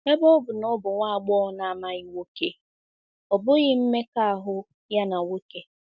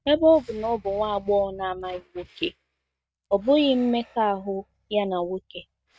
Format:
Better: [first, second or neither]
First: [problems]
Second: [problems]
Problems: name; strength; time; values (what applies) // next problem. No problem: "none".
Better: first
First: none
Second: noise reduction (neural mask model RNNoise)